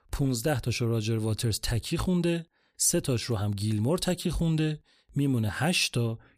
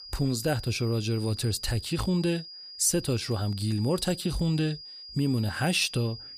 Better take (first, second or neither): first